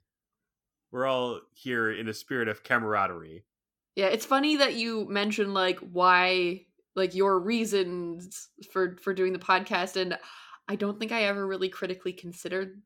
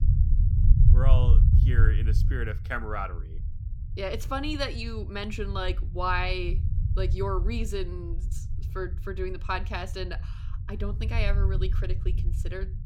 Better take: first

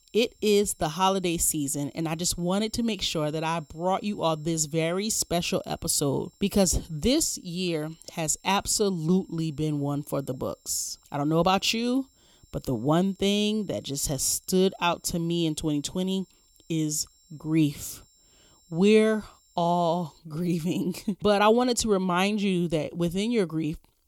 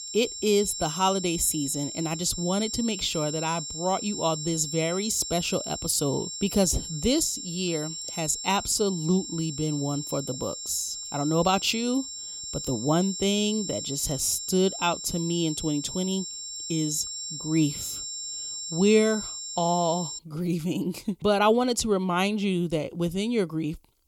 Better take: first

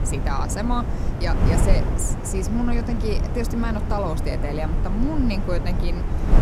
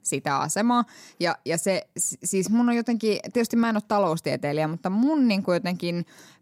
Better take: second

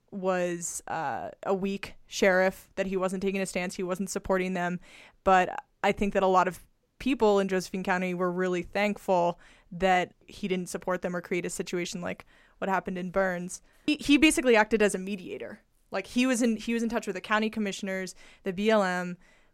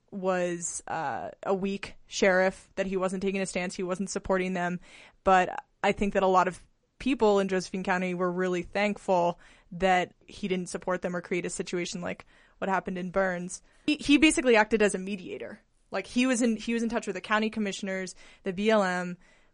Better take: first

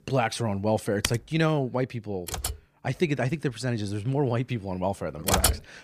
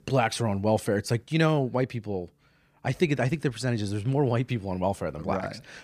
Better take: second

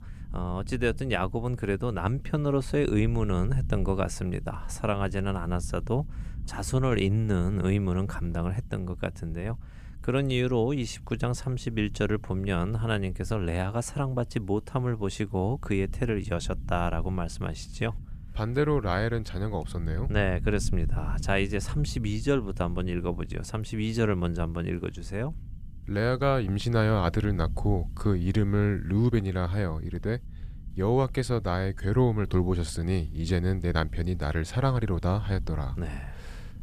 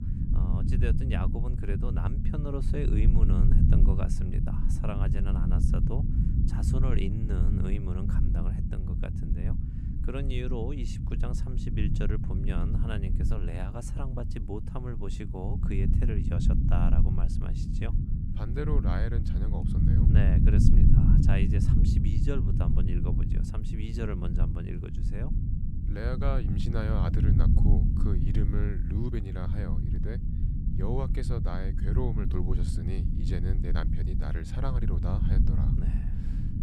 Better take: first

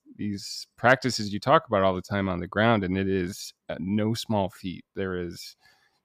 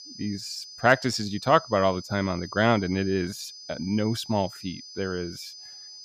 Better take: first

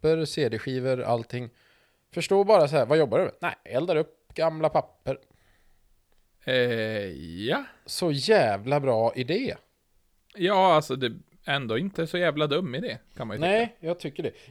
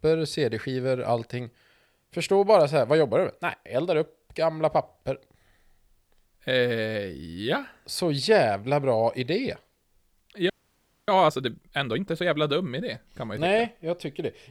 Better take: first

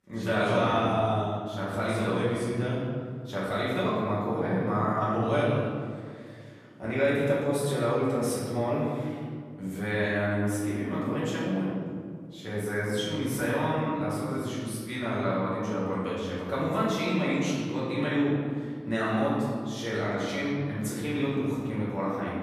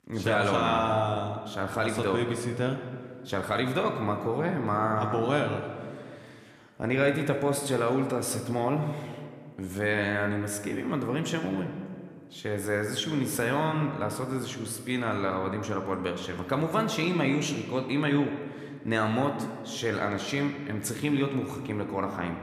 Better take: second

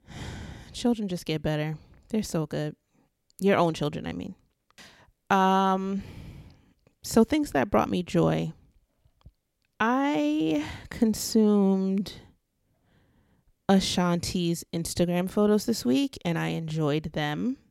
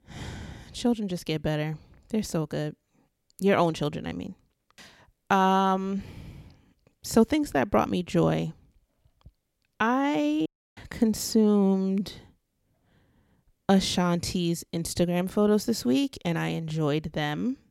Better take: first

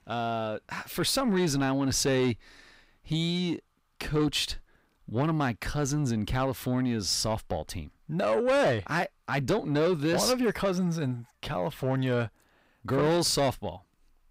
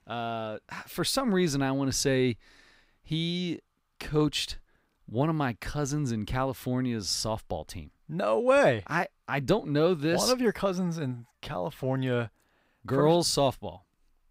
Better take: second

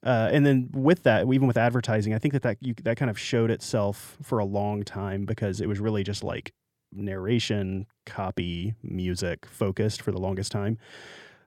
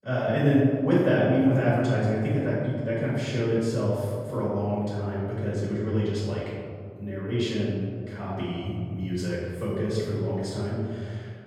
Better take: first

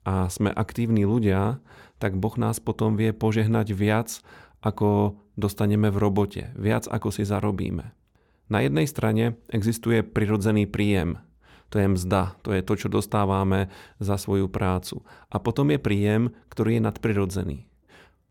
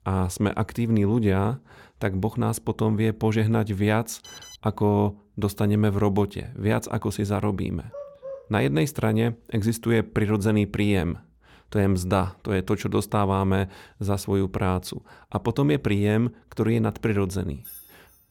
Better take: first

